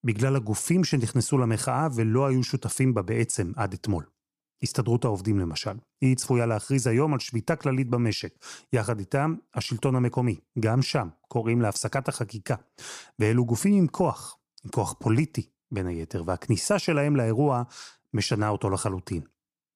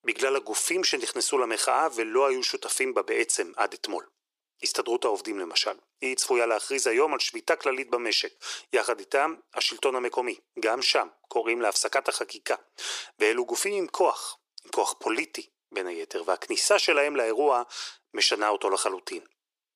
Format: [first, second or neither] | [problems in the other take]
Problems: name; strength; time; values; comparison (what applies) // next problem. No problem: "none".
first | thin; very; fading below 400 Hz